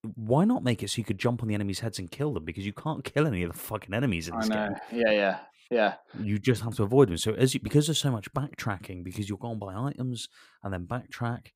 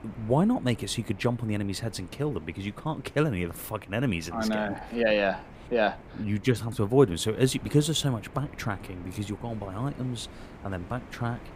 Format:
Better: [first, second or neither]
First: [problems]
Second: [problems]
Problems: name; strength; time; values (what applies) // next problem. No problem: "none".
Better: first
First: none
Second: wind noise on the microphone; occasional gusts; 20 dB below the speech